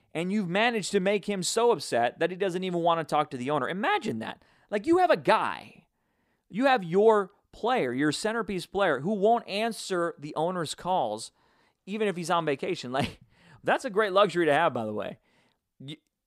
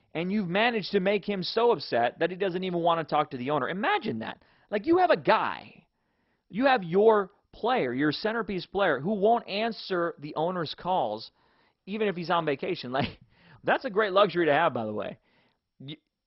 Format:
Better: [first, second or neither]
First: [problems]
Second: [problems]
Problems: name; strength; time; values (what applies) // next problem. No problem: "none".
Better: first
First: none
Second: garbled, watery; badly; nothing above 5.5 kHz